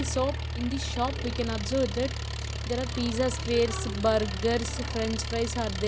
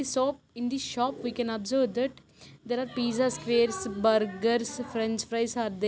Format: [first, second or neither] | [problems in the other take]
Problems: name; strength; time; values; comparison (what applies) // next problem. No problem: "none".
second | background sound (Engine); 3 dB below the speech